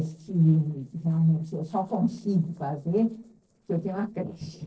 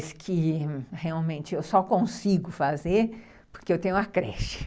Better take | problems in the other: second | noise reduction (neural separator model SepFormer DNS4)

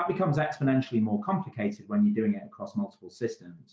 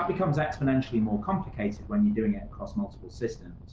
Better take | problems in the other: first | background sound (Explosion); 14 dB below the speech

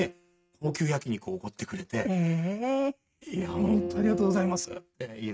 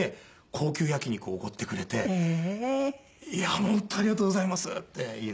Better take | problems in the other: second | noise reduction (neural mask model RNNoise)

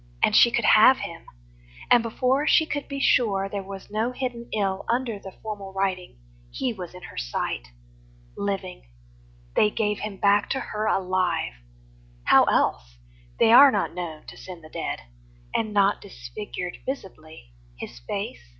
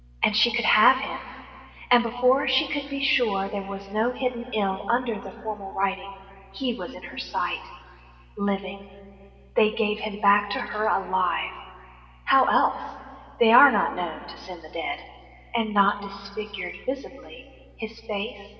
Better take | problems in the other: first | room echo; dies away in 2.6 s

